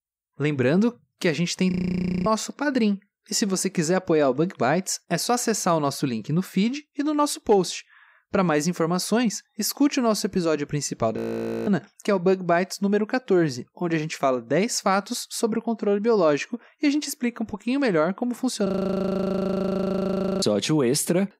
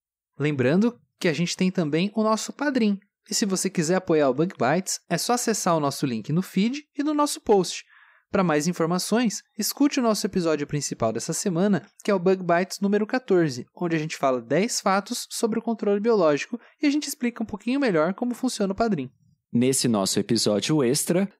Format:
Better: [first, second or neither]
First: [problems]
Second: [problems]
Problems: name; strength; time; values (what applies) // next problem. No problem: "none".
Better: second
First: audio freezing; at 1.5 s for 0.5 s, at 11 s for 0.5 s and at 19 s for 2 s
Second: none